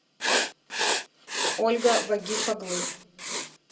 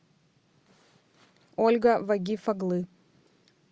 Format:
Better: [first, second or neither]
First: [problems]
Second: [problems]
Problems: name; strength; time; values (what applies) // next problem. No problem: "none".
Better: second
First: background sound (Writing); as loud as the speech // room echo; dies away in 0.2 s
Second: none